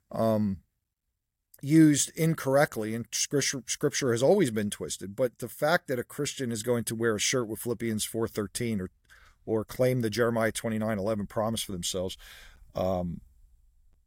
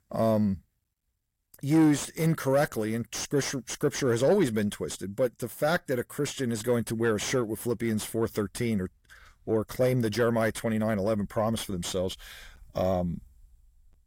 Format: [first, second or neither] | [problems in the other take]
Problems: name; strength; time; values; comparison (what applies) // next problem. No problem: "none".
first | distortion; slight; 10 dB below the speech